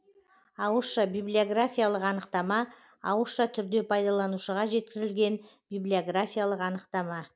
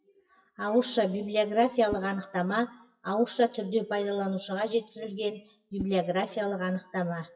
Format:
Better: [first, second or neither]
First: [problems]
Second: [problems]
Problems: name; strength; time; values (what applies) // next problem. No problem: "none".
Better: first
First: none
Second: noise reduction (classical method WPE with log-MMSE)